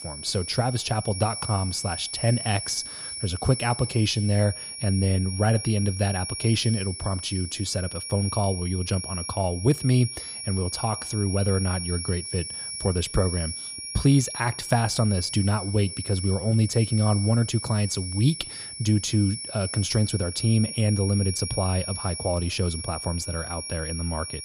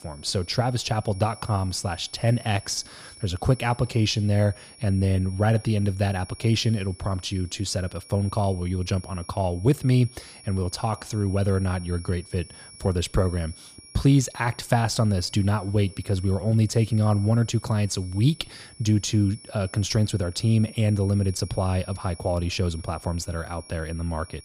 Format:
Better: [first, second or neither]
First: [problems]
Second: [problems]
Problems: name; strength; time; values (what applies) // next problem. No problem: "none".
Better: second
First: high-pitched whine; loud; throughout; 10 kHz, 7 dB below the speech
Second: high-pitched whine; faint; throughout; 10 kHz, 20 dB below the speech